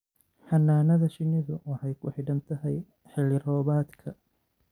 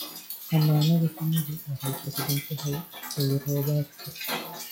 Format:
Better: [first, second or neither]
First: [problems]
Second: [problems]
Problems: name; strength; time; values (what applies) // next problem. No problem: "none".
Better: first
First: none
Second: noise reduction (classical method log-MMSE)